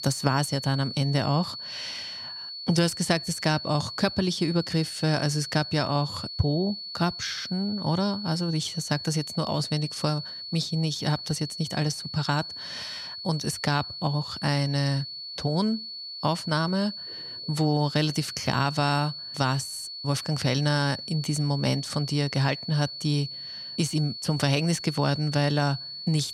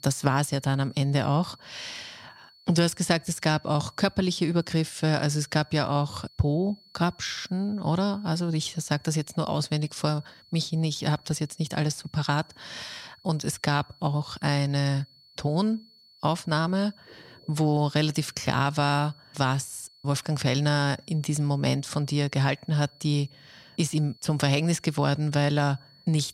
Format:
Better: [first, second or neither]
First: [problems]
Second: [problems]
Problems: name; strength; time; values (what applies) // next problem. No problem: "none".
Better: second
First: high-pitched whine; loud; throughout; 4.5 kHz, 8 dB below the speech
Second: high-pitched whine; faint; throughout; 4.5 kHz, 25 dB below the speech